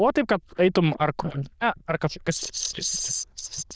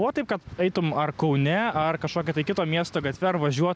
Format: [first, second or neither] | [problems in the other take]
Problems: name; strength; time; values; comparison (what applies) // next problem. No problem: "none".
second | noise reduction (neural diffusion model UNIVERSE++)